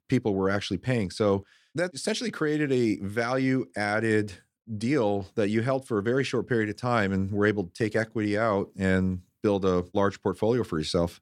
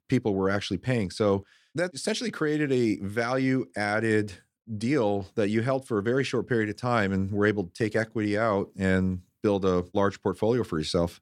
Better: neither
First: none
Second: none

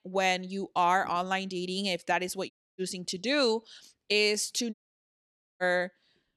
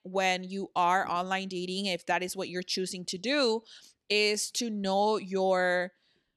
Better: second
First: audio cutting out; at 2.5 s and at 4.5 s for 1 s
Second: none

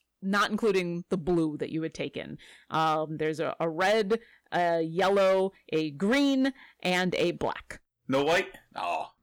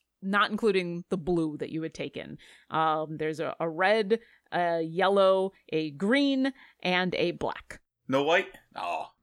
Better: second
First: distortion; slight; 6% of the sound clipped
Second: none

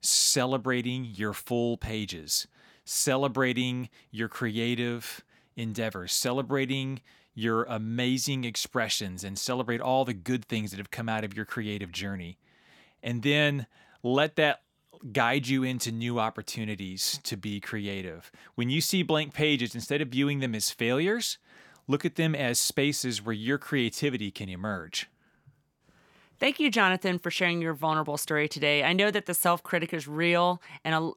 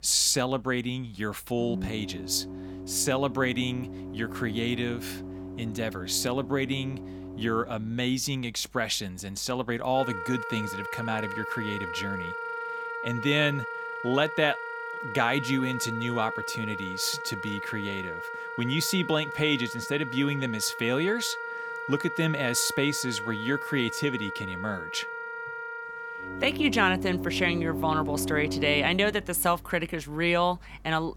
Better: first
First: none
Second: background music; loud; throughout; 7 dB below the speech

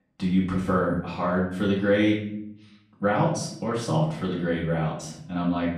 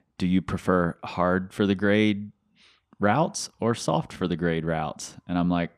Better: second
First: off-mic speech; far // room echo; noticeable; dies away in 0.7 s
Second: none

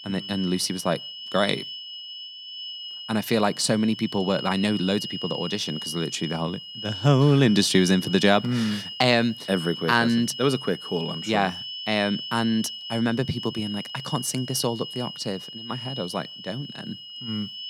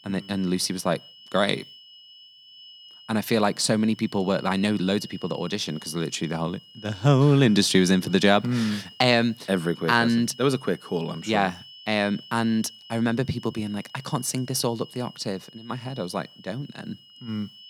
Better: second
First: high-pitched whine; loud; throughout; 3 kHz, 10 dB below the speech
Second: high-pitched whine; faint; throughout; 3 kHz, 20 dB below the speech

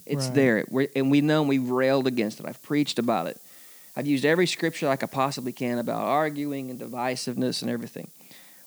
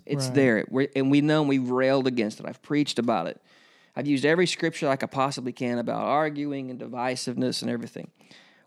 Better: second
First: hiss; faint; throughout; 20 dB below the speech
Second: none

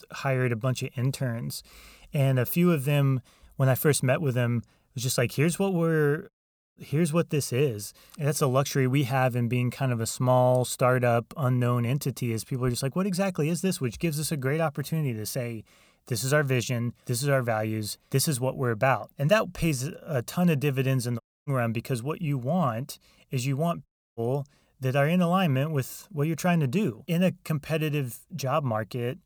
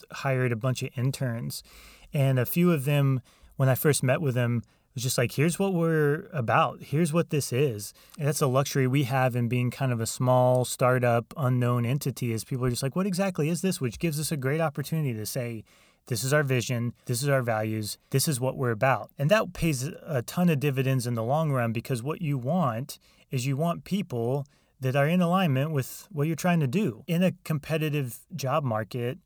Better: second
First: audio cutting out; at 6.5 s, at 21 s and at 24 s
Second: none

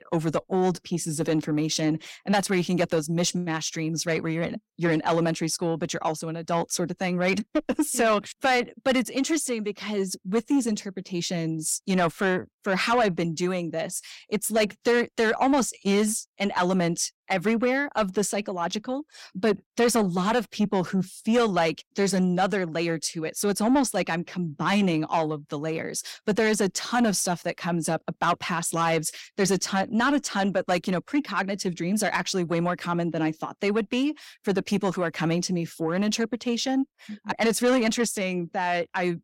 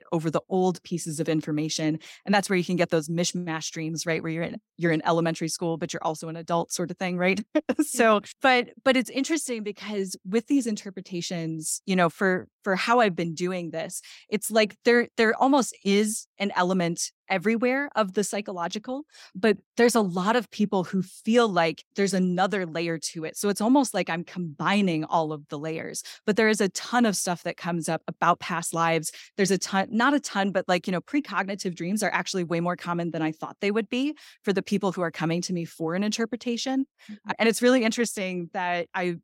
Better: second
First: distortion; slight; 10 dB below the speech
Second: none

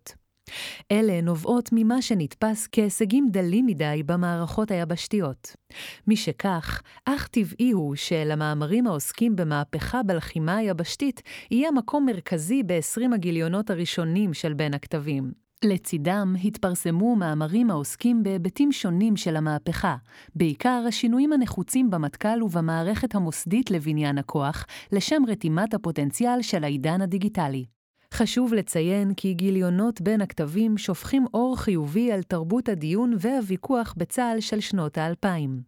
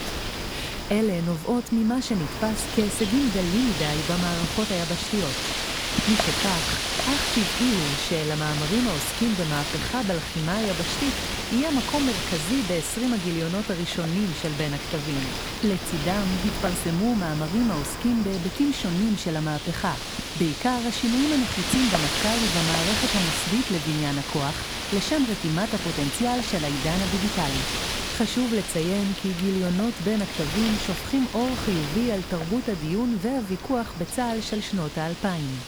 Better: first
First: none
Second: wind noise on the microphone; heavy; 1 dB above the speech

